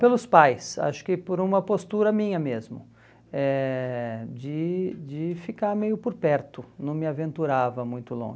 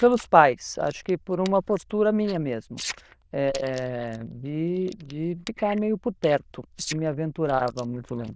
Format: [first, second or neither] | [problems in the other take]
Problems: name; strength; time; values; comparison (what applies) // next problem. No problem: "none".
first | noise reduction (neural diffusion model UNIVERSE++)